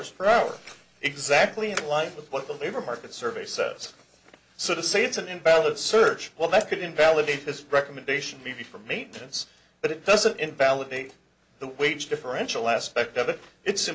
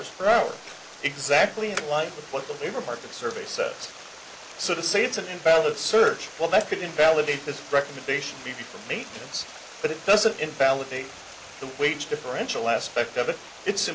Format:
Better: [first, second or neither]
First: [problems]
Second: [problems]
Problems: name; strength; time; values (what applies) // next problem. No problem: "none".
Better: first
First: none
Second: background sound (Stream); 17 dB below the speech